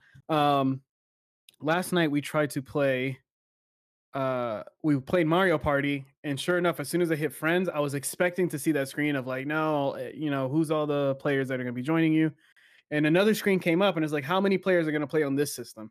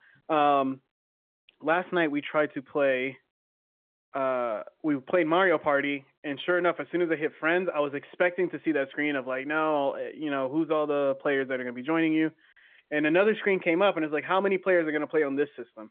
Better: first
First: none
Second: phone-call audio; nothing above 3.5 kHz

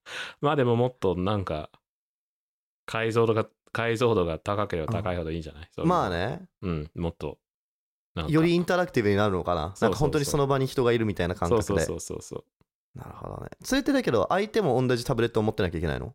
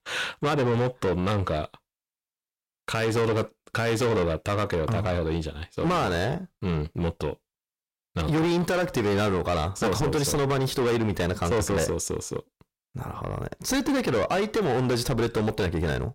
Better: first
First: none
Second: distortion; heavy; 6 dB below the speech

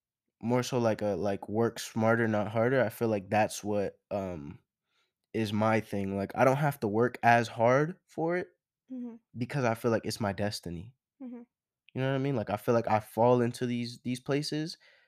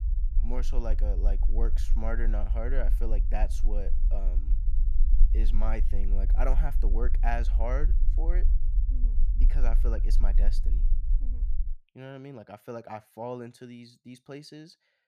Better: first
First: none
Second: low rumble; noticeable; until 12 s; 15 dB below the speech

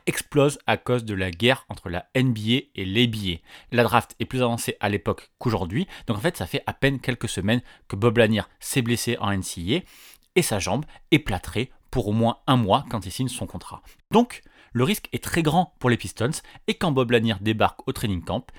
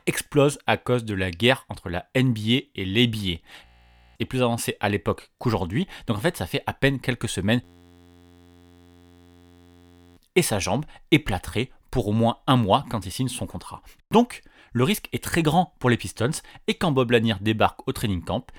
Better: first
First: none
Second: audio freezing; at 3.5 s for 0.5 s and at 7.5 s for 2.5 s

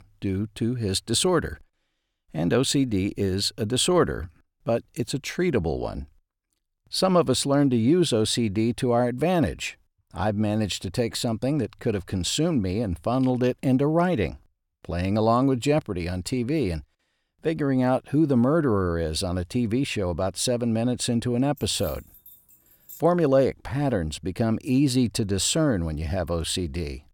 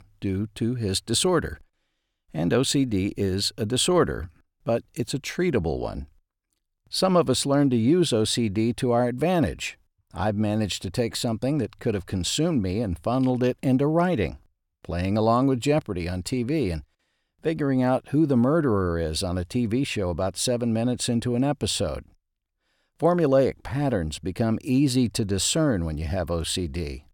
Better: second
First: jangling keys; faint; from 22 to 23 s; peak 15 dB below the speech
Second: none

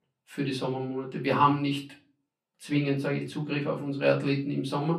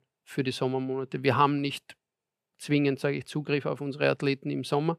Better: second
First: off-mic speech; far // room echo; very slight; dies away in 0.3 s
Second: none

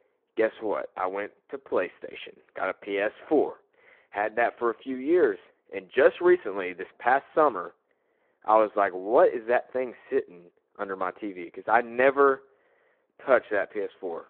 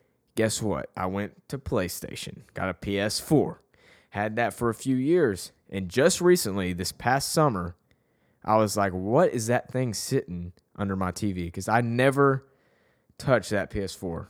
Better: second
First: phone-call audio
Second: none

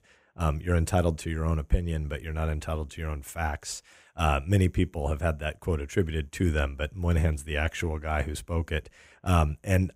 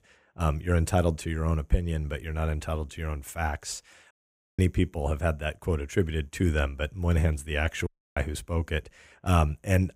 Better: first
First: none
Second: audio cutting out; at 4 s and at 8 s

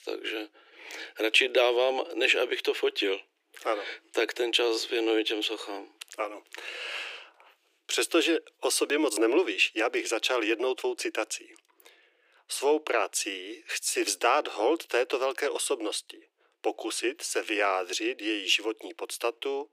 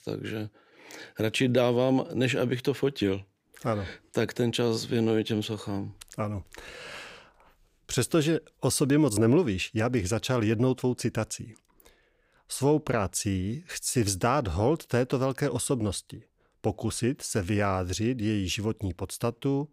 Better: second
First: thin; very; fading below 300 Hz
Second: none

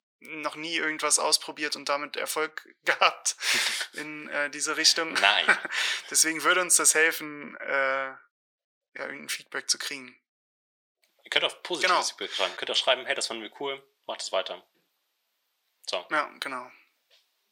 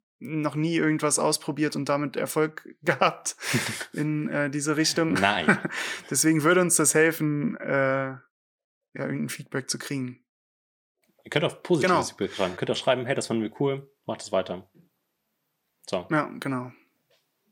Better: second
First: thin; very; fading below 600 Hz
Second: none

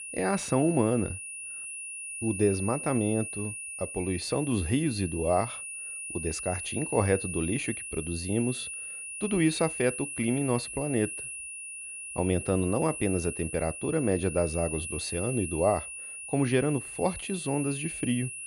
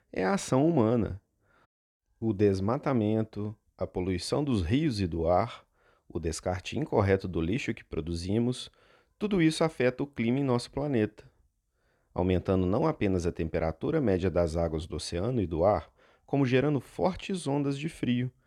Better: second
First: high-pitched whine; loud; throughout; 2.5 kHz, 6 dB below the speech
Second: none

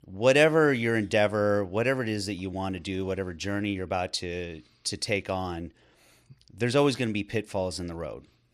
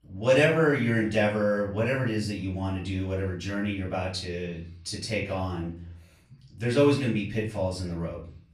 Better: first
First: none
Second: off-mic speech; far // room echo; slight; dies away in 0.7 s

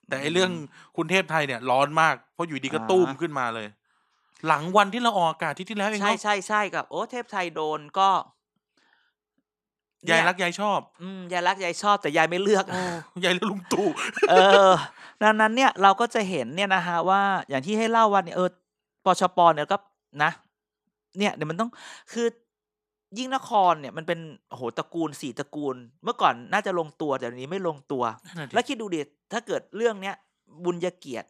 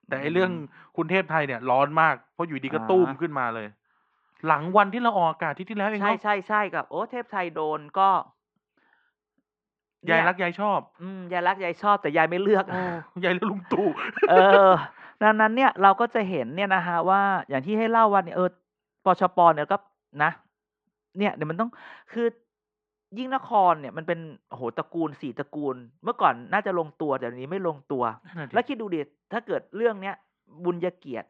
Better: first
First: none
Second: muffled; very; fading above 2.5 kHz

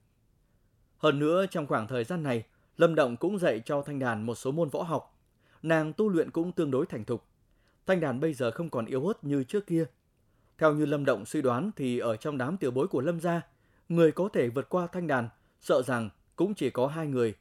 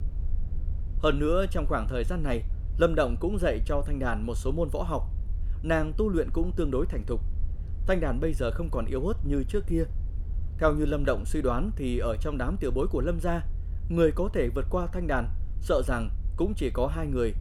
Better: first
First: none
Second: low rumble; faint; throughout; 25 dB below the speech

